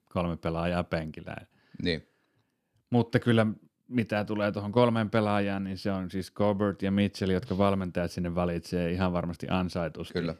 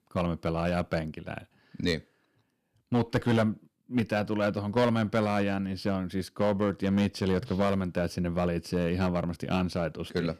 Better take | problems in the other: first | distortion; slight; 3% of the sound clipped

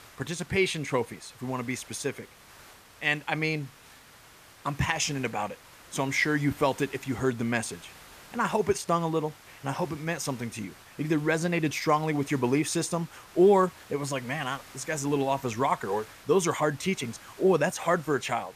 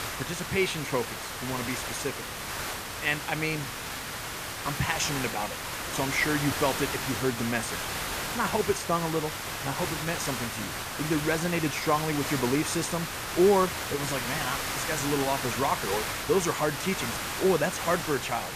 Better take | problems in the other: first | hiss; loud; throughout; 3 dB below the speech; faint in the first

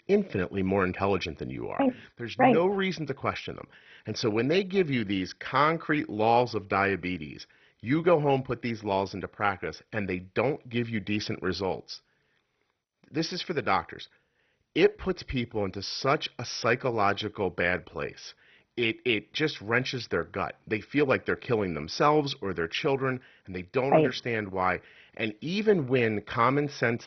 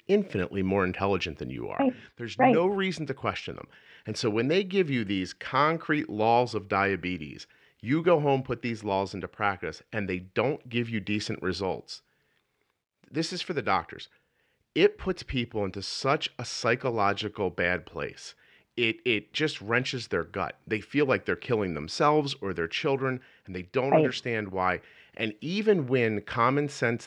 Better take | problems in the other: second | garbled, watery; badly; nothing above 6 kHz

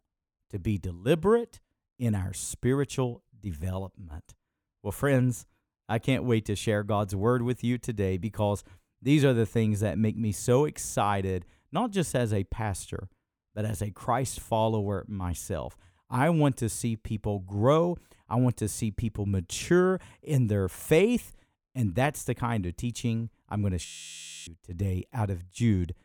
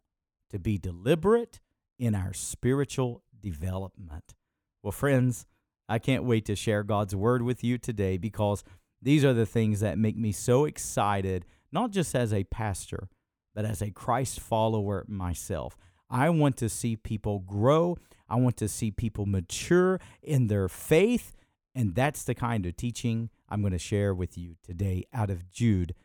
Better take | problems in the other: second | audio freezing; at 24 s for 0.5 s

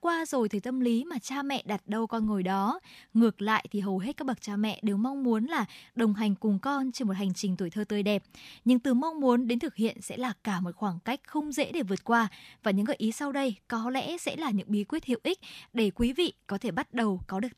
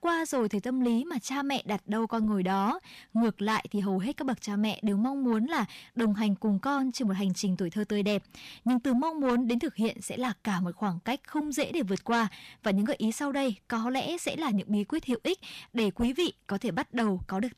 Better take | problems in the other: first | distortion; slight; 10 dB below the speech

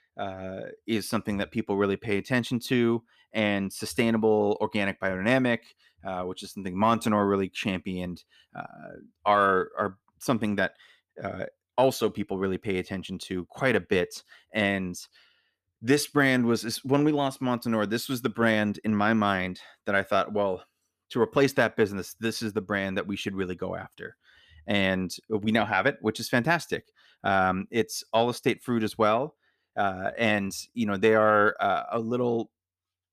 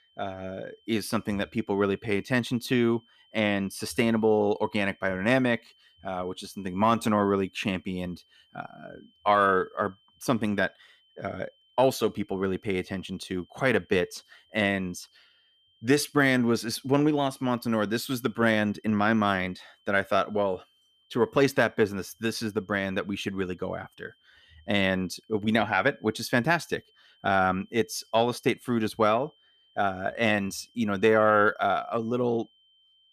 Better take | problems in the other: first | high-pitched whine; faint; throughout; 3 kHz, 35 dB below the speech

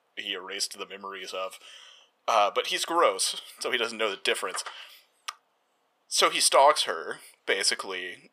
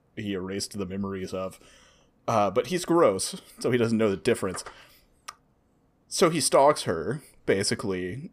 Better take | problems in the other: second | thin; very; fading below 800 Hz

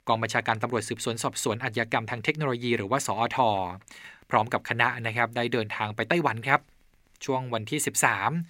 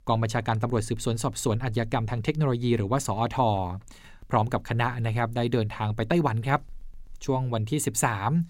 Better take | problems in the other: second | thin; somewhat; fading below 650 Hz

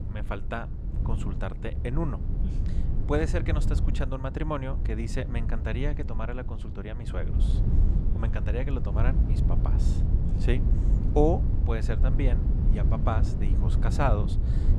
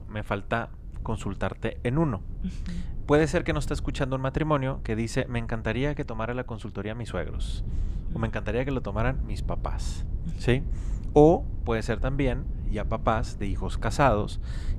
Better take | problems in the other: second | low rumble; loud; throughout; 8 dB below the speech; faint in the second

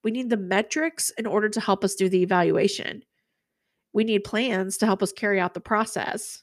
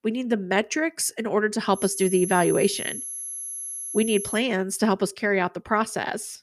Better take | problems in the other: first | high-pitched whine; loud; from 2 to 4.5 s; 11 kHz, 7 dB below the speech

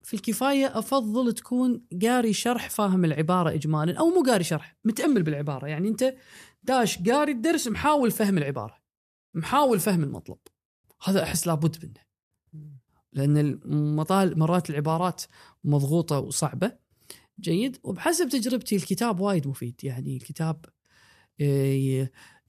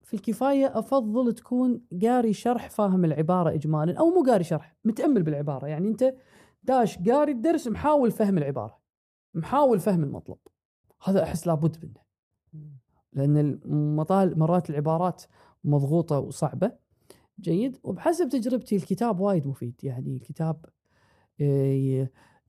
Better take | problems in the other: first | muffled; slightly; fading above 1.5 kHz

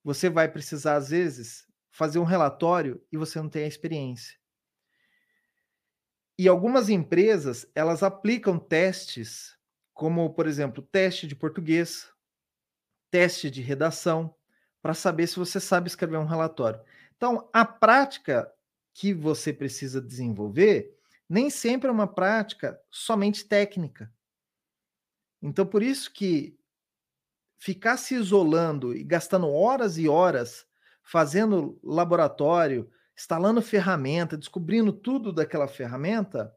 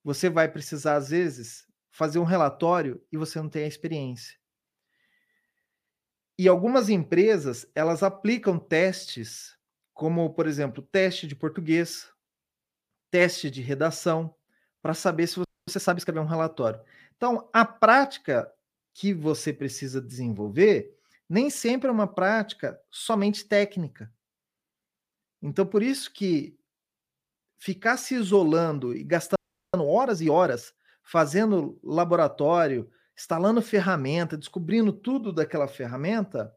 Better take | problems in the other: first | audio freezing; at 15 s and at 29 s

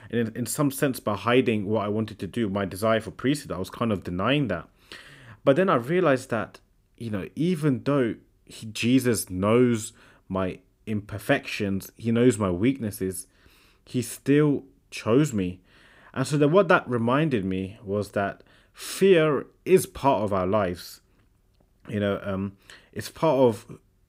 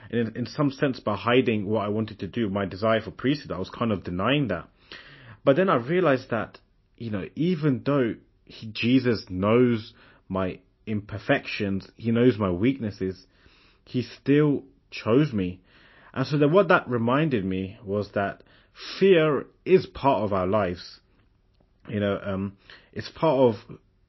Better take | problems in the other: first | garbled, watery; slightly; nothing above 5.5 kHz

